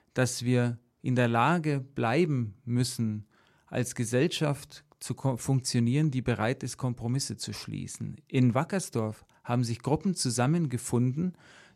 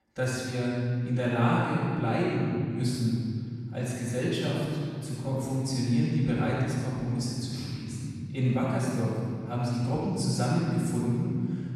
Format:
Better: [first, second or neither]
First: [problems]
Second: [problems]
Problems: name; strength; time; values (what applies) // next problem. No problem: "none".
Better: first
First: none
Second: room echo; strong; dies away in 2.2 s // off-mic speech; far